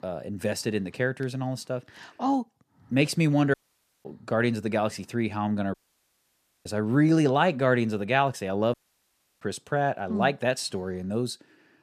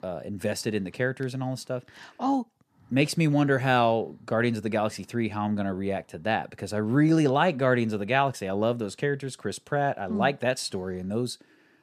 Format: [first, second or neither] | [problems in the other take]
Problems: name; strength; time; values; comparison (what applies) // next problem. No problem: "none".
second | audio cutting out; at 3.5 s for 0.5 s, at 5.5 s for 1 s and at 8.5 s for 0.5 s